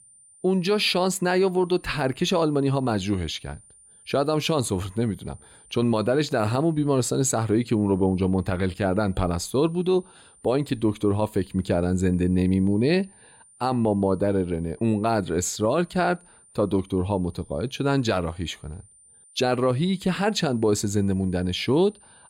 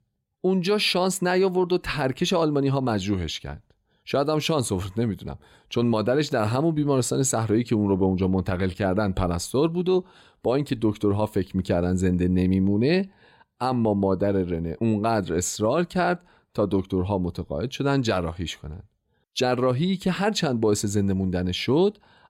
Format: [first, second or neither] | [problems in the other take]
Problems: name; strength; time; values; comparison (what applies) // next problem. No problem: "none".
second | high-pitched whine; faint; throughout; 9 kHz, 25 dB below the speech